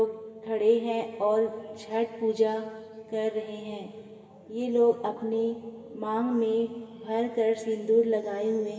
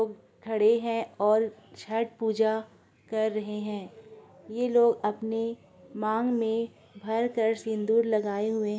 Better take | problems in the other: second | room echo; dies away in 2.8 s

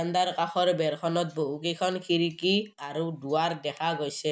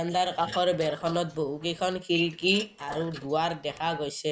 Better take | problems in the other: first | noise reduction (neural mask model Resemble Enhance denoiser)

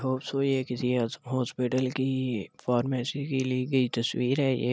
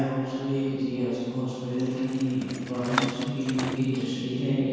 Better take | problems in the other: first | background sound (Bicycle); 11 dB below the speech // room echo; dies away in 2.1 s

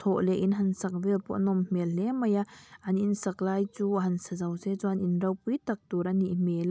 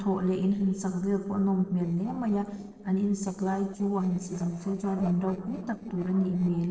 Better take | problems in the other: first | noise reduction (neural separator model SepFormer DNS4)

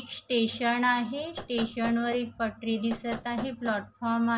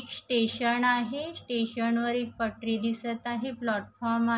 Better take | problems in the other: second | background sound (Knock); 13 dB below the speech

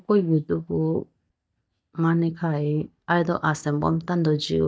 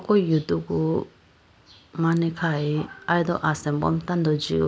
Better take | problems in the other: second | noise reduction (neural mask model DeepFilterNet 3)

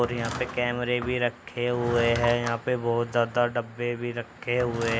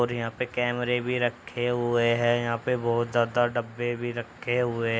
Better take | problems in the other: second | background sound (Drawer open or close / Wood); 11 dB below the speech

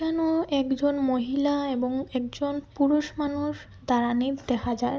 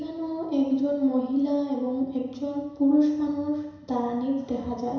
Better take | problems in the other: first | room echo; dies away in 1 s

